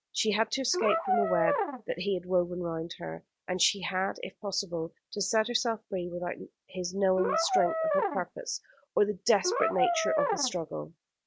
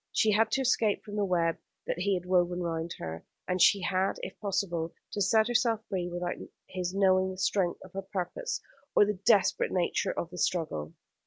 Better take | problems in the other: second | background sound (Brass instrument); 1 dB above the speech

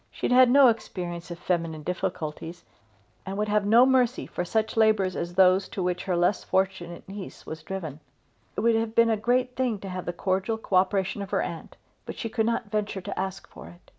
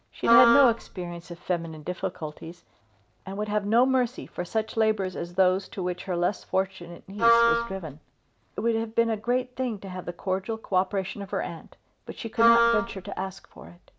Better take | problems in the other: first | background sound (Wind instrument, woodwind instrument); 3 dB above the speech

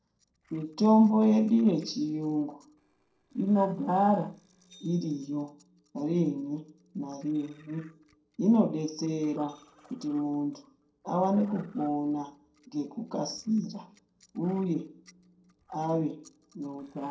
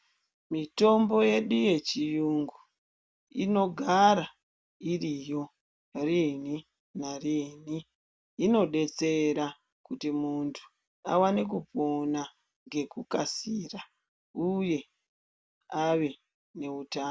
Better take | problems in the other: second | noise reduction (neural separator model SepFormer DNS4)

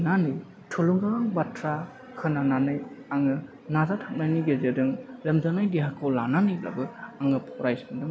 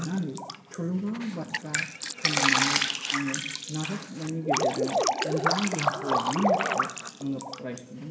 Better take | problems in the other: first | background sound (Drip); 4 dB above the speech // room echo; dies away in 0.7 s

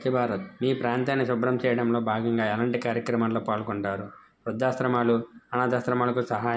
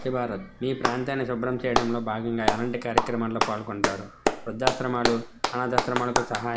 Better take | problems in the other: first | background sound (Clapping); 1 dB below the speech

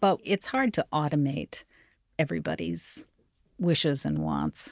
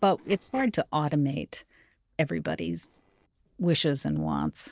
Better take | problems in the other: first | noise reduction (neural separator model SepFormer DNS4)

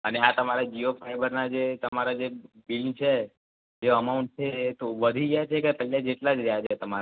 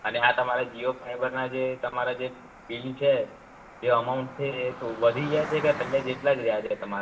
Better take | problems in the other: first | background sound (Cricket); 15 dB below the speech // room echo; dies away in 0.7 s

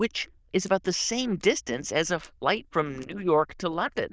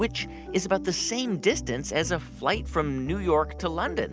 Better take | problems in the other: second | noise reduction (neural diffusion model UNIVERSE++)

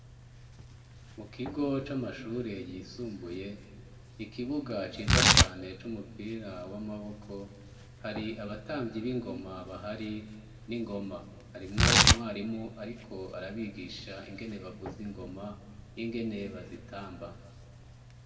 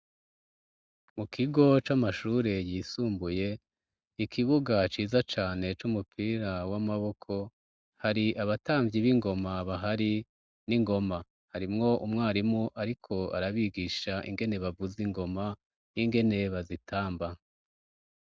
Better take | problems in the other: second | background sound (Tearing); 4 dB above the speech // room echo; dies away in 1.7 s

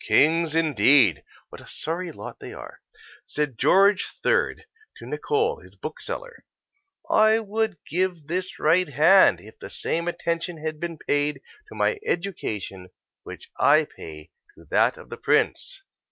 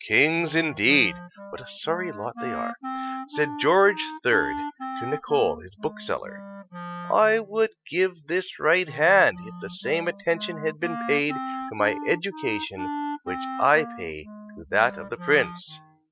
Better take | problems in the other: first | noise reduction (classical method spectral subtraction)

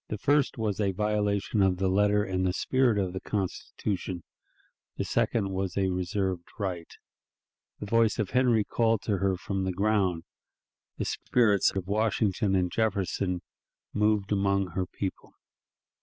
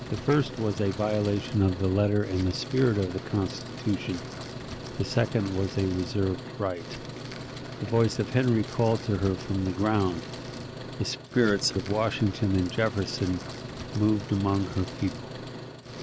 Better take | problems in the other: first | background sound (Truck); 10 dB below the speech

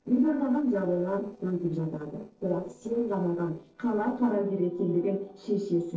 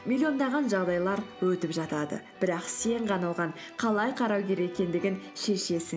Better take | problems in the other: second | noise reduction (neural separator model SepFormer DNS4)

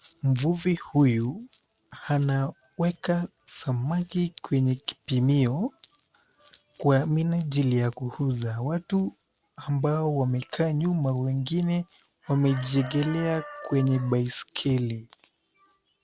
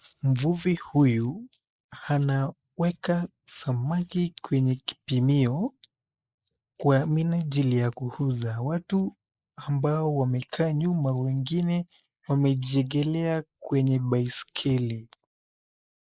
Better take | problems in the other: first | noise reduction (neural mask model Resemble Enhance denoiser)

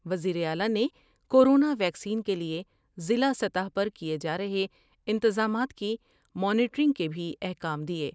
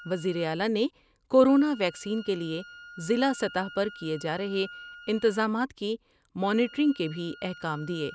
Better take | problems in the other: first | background sound (Wind instrument, woodwind instrument); 20 dB below the speech

